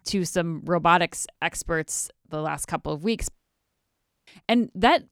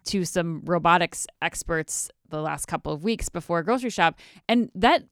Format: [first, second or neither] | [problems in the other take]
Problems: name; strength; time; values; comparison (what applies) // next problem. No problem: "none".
second | audio cutting out; at 3.5 s for 1 s